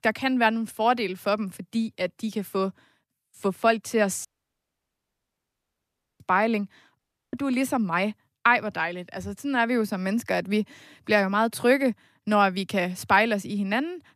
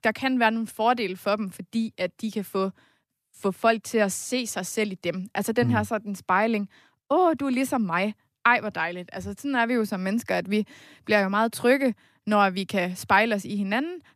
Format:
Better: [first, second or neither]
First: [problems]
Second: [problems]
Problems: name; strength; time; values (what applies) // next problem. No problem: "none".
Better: second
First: audio cutting out; at 4.5 s for 2 s and at 7 s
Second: none